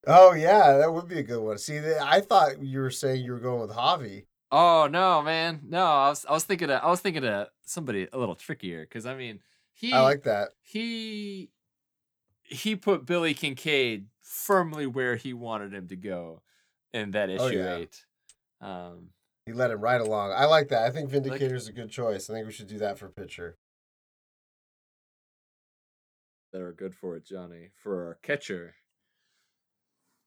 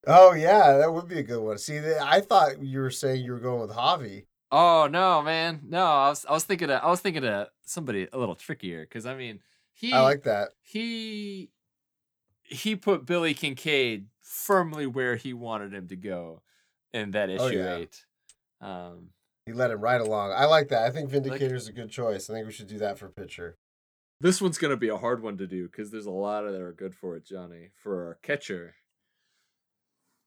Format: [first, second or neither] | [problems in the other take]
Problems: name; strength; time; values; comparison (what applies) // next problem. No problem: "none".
second | audio cutting out; at 24 s for 2.5 s